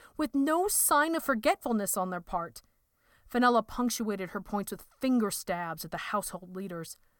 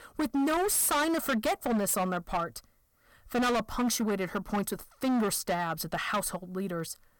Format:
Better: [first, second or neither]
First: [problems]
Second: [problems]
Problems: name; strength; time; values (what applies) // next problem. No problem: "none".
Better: first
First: none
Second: distortion; heavy; 17% of the sound clipped